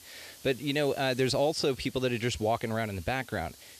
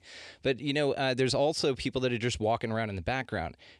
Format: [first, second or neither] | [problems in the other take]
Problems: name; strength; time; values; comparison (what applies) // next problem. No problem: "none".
second | hiss; noticeable; throughout; 20 dB below the speech